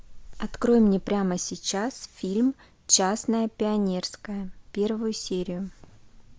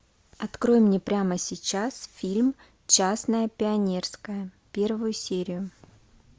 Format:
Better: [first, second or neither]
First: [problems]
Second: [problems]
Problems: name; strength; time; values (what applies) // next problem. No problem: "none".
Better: second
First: background sound (Wind); 17 dB below the speech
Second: none